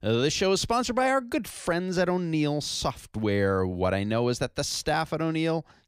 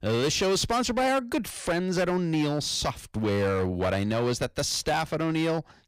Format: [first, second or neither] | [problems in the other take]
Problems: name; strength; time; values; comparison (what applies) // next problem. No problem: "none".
first | distortion; slight; 13% of the sound clipped